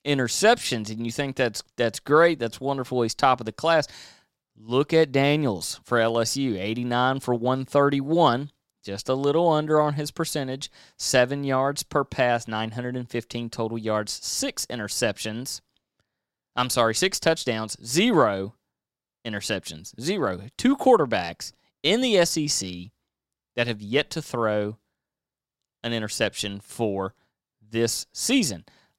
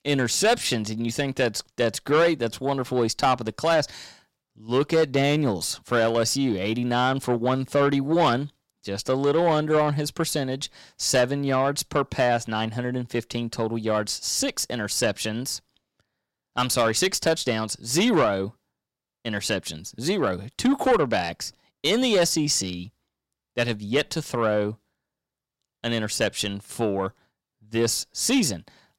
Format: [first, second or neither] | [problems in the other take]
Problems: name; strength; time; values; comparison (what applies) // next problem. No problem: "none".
first | distortion; slight; 10 dB below the speech